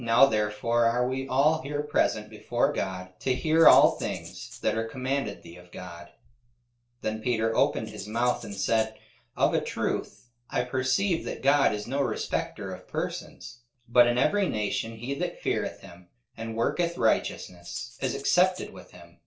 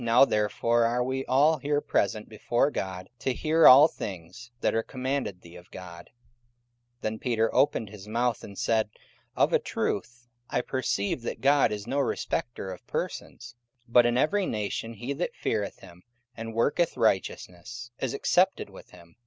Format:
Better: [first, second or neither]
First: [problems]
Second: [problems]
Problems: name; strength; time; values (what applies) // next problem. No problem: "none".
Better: second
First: noise reduction (neural separator model SepFormer DNS4)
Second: none